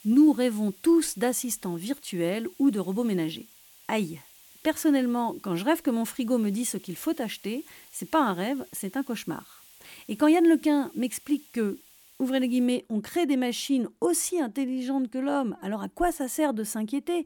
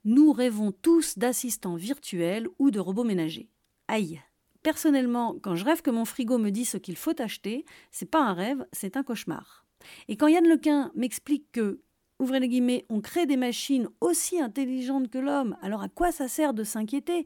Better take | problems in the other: second | hiss; faint; until 13 s; 25 dB below the speech

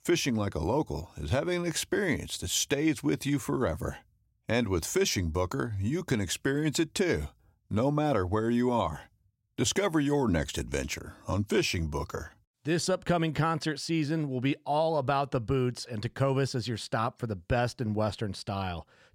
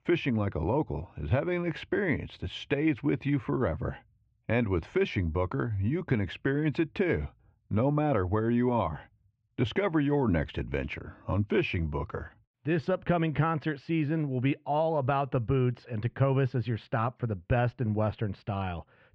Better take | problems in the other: first | muffled; very; fading above 2.5 kHz

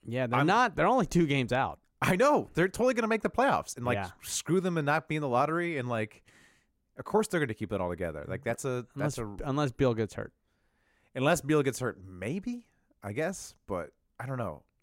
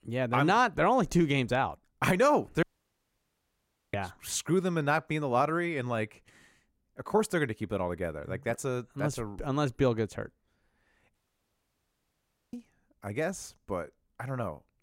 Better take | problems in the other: first | audio cutting out; at 2.5 s for 1.5 s and at 11 s for 1.5 s

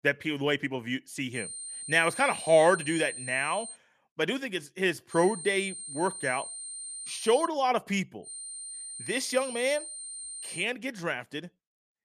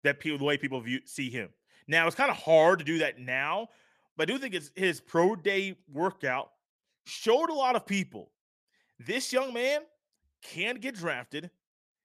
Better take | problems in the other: second | high-pitched whine; loud; from 1.5 to 3.5 s, from 5 to 7.5 s and from 8.5 to 11 s; 8.5 kHz, 9 dB below the speech

